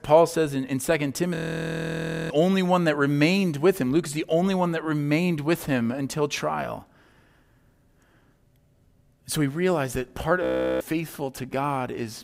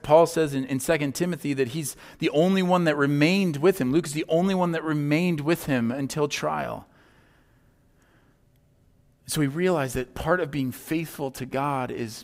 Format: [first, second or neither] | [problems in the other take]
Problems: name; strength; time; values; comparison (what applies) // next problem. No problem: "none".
second | audio freezing; at 1.5 s for 1 s and at 10 s